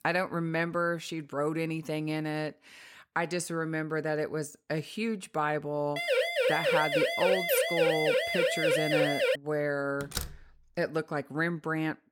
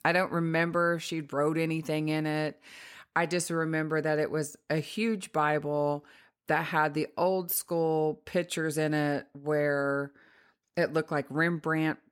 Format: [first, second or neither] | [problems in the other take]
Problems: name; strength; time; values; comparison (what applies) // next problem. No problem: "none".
second | siren; loud; from 6 to 9.5 s; peak 5 dB above the speech // door banging; noticeable; at 10 s; peak 5 dB below the speech